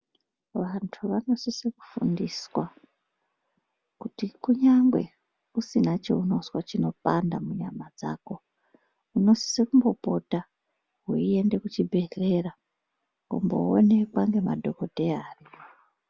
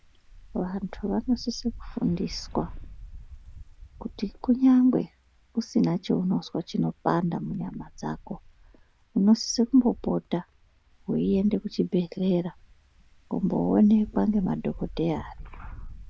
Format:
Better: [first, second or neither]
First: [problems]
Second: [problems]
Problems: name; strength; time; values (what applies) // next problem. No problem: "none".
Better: first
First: none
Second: background sound (Wind); 18 dB below the speech